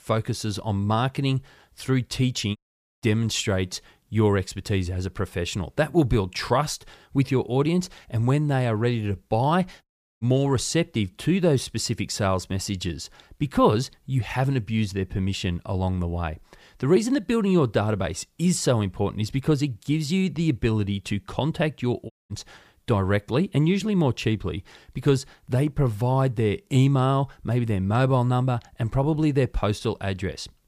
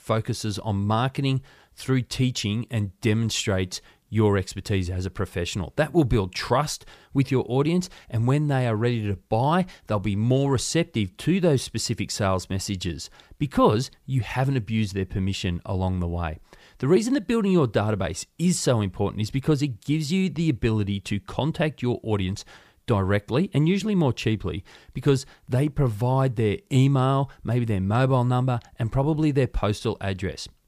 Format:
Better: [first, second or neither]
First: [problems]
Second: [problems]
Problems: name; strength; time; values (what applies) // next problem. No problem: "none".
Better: second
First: audio cutting out; at 2.5 s, at 10 s and at 22 s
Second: none